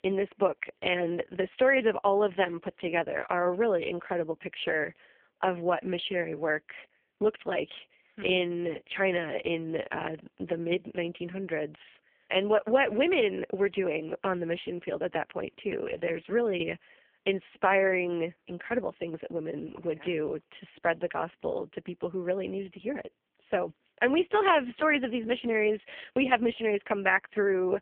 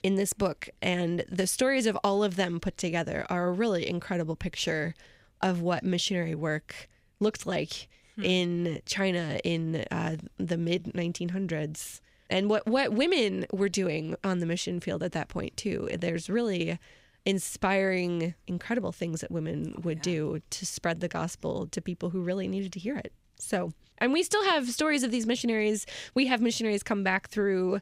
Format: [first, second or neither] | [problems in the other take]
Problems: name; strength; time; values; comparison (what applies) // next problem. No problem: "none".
second | phone-call audio; poor line; nothing above 3.5 kHz